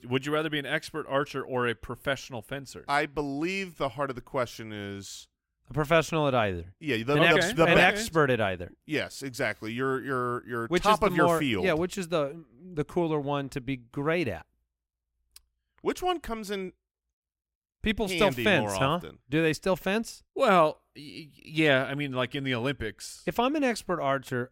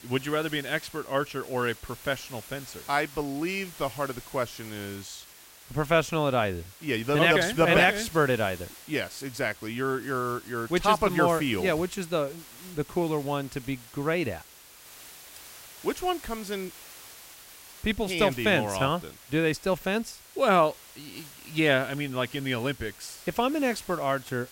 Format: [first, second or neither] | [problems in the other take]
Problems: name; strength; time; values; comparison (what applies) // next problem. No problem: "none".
first | hiss; noticeable; throughout; 20 dB below the speech